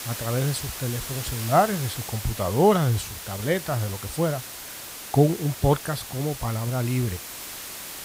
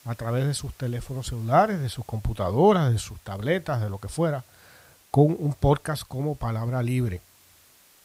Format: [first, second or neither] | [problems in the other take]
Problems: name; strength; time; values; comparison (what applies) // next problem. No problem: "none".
second | hiss; loud; throughout; 9 dB below the speech; faint in the second